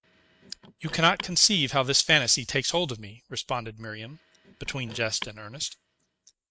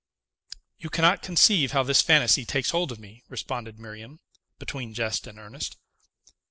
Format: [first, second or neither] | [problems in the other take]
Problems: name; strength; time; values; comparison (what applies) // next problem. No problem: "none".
second | noise reduction (neural mask model RNNoise)